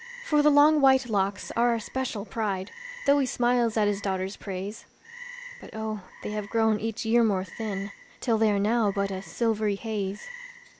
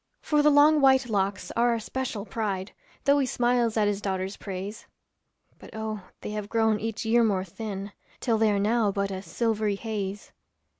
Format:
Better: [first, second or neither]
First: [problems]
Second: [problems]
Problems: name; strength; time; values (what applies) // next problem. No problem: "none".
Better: second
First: background sound (Frog); 20 dB below the speech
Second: none